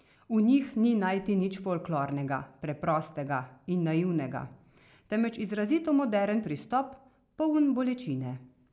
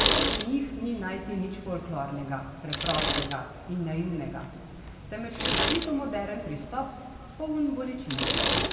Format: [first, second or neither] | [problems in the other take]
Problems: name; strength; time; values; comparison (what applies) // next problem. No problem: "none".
first | background sound (Bicycle); 1 dB above the speech // room echo; dies away in 2 s